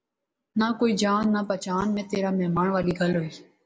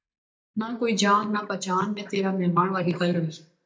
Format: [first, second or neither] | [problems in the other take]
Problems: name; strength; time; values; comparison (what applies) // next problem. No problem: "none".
first | noise reduction (neural mask model DeepFilterNet 3)